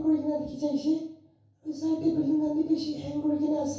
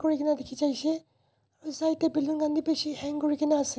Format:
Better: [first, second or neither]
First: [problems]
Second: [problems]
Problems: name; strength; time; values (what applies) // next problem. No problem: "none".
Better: second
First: room echo; dies away in 0.6 s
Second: none